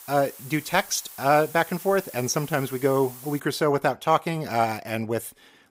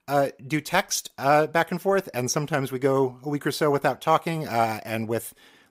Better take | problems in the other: second | hiss; noticeable; until 3.5 s; 15 dB below the speech

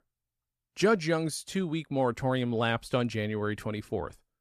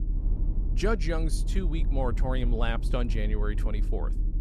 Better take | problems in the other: first | low rumble; noticeable; throughout; 15 dB below the speech

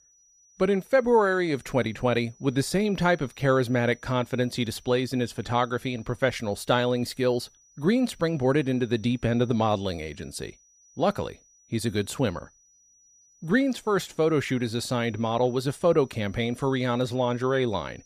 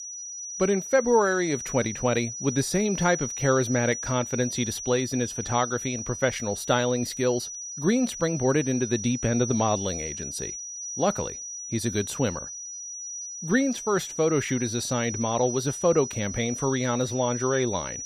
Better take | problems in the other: first | high-pitched whine; loud; throughout; 6 kHz, 7 dB below the speech; faint in the first

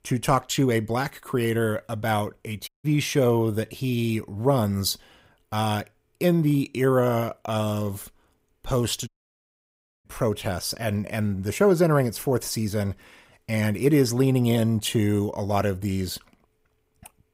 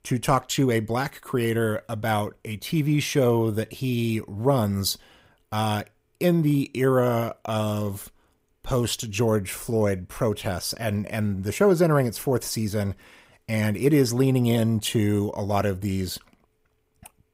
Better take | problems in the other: second | audio cutting out; at 2.5 s and at 9 s for 1 s

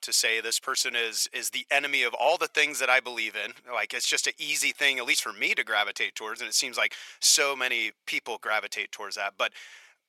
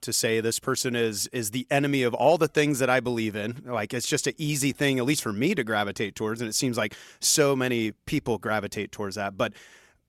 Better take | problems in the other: second | thin; very; fading below 800 Hz

